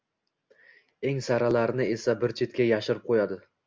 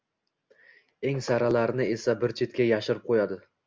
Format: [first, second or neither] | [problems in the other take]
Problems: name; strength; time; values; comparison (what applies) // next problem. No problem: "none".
first | background sound (Knock); 16 dB below the speech